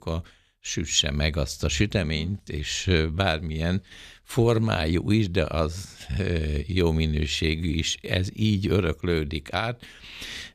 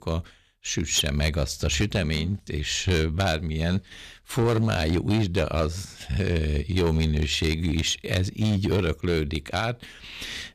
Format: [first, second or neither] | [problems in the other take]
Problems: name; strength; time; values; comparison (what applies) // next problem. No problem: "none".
first | distortion; slight; 6% of the sound clipped